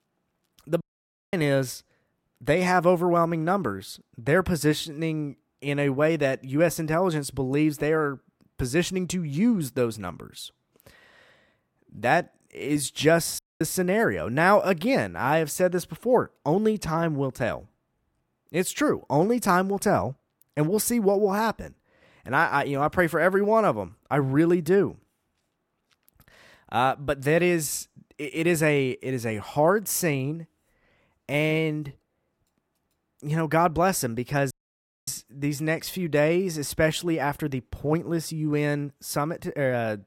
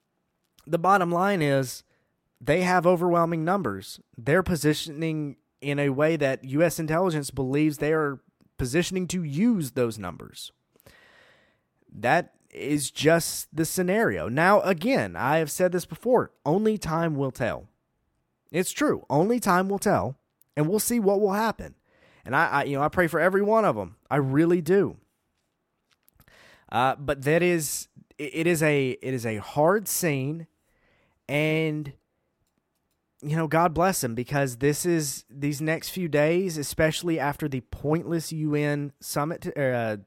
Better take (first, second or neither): second